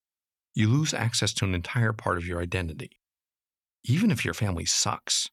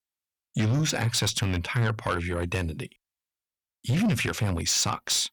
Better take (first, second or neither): first